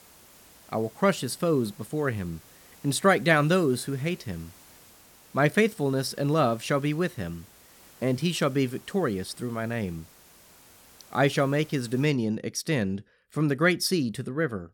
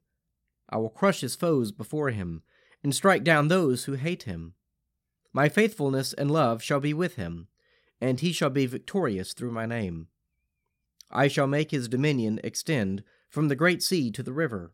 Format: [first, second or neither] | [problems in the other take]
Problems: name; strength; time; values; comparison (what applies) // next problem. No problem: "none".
second | hiss; faint; until 12 s; 25 dB below the speech